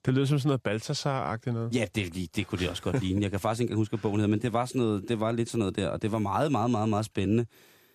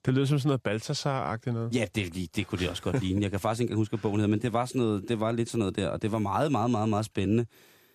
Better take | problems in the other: neither | none

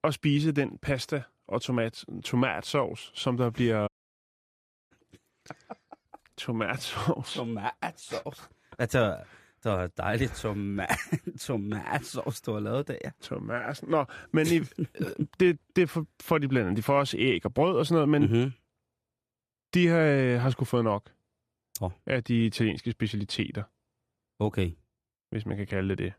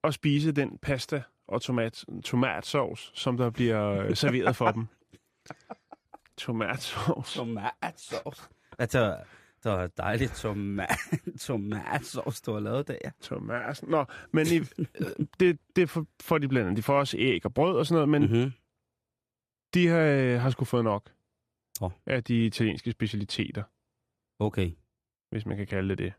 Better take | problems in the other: second | audio cutting out; at 4 s for 1 s

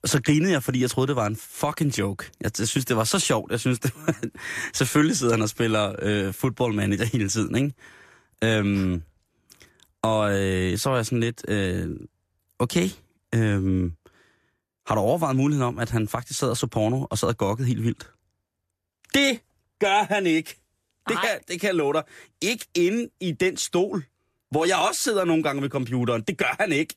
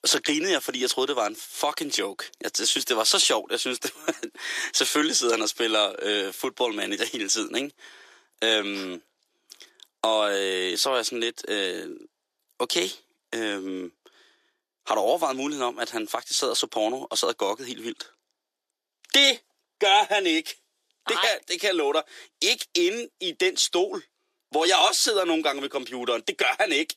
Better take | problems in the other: first | thin; somewhat; fading below 350 Hz

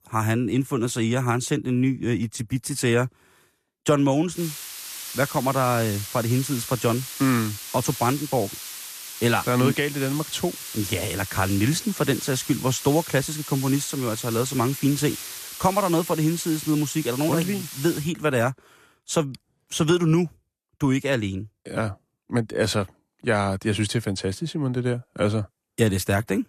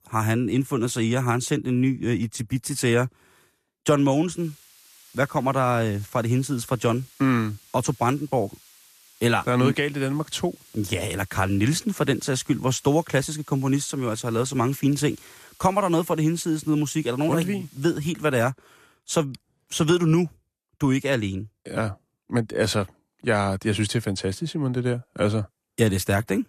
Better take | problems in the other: second | hiss; loud; from 4.5 to 18 s; 9 dB below the speech; faint in the second

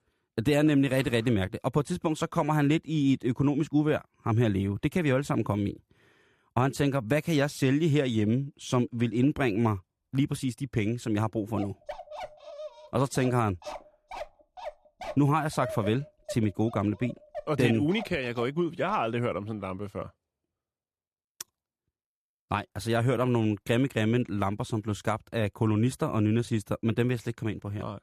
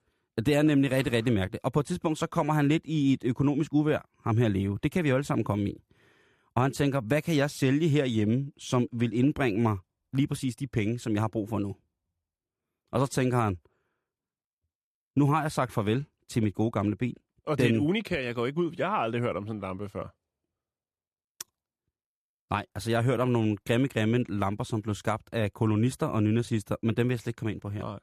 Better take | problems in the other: second | dog barking; noticeable; from 12 to 19 s; peak 9 dB below the speech

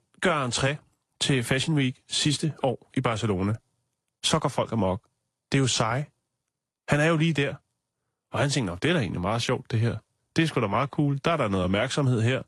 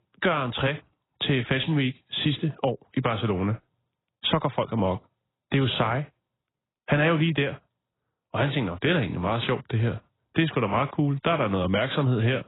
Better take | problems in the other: first | garbled, watery; badly; nothing above 4 kHz; slightly in the first

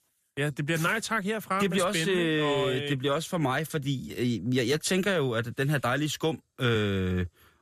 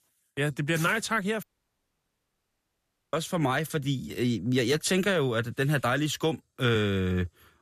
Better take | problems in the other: first | audio cutting out; at 1.5 s for 1.5 s

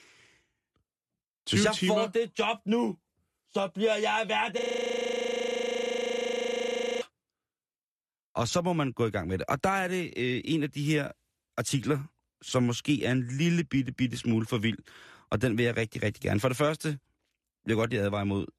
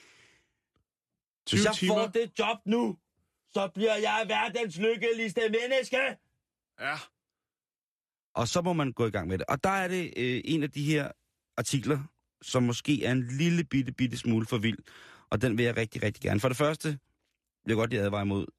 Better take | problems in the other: second | audio freezing; at 4.5 s for 2.5 s

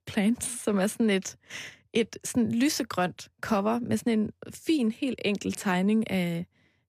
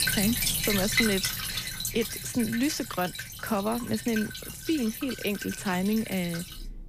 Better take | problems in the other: first | rain or running water; loud; throughout; 1 dB below the speech

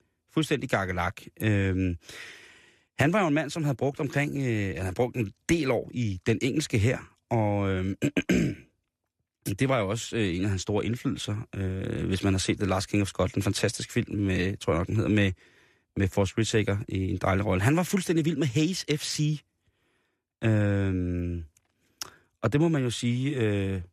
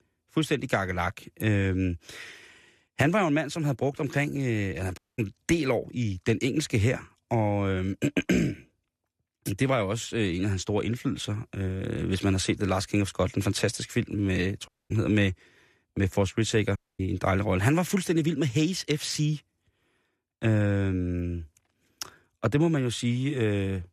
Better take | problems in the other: first | audio cutting out; at 5 s, at 15 s and at 17 s

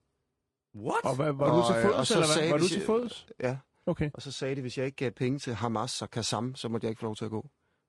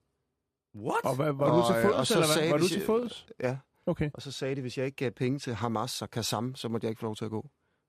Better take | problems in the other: second | garbled, watery; slightly; nothing above 10.5 kHz

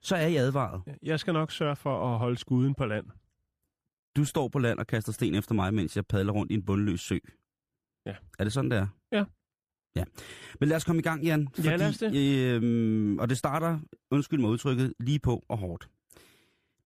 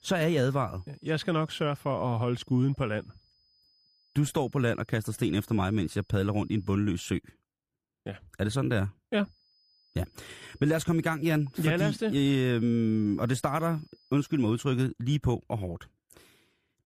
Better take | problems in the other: first | high-pitched whine; faint; until 7 s and from 9 to 15 s; 5 kHz, 35 dB below the speech

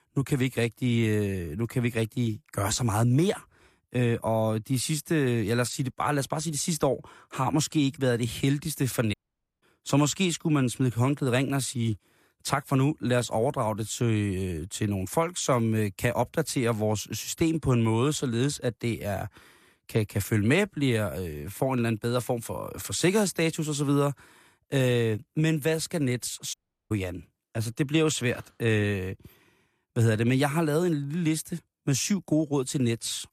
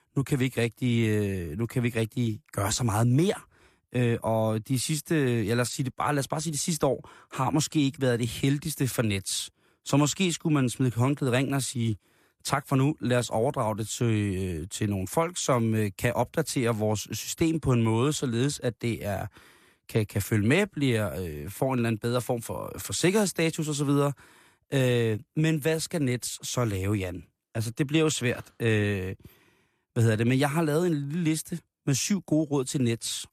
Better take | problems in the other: second | audio cutting out; at 9 s and at 27 s

